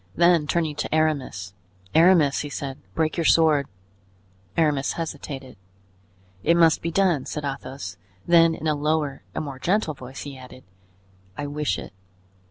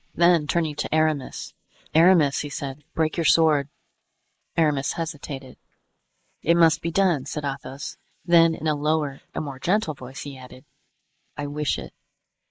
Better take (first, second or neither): first